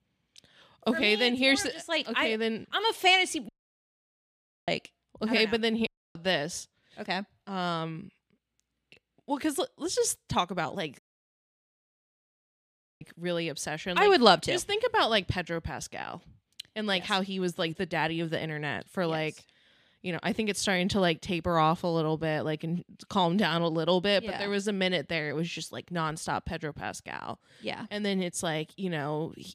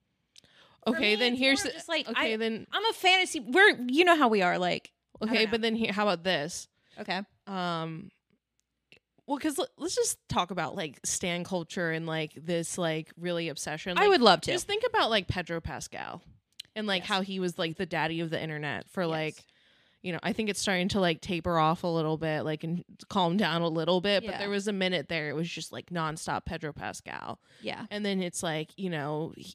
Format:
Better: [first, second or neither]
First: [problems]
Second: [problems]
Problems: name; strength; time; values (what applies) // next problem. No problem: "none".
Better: second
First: audio cutting out; at 3.5 s for 1 s, at 6 s and at 11 s for 2 s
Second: none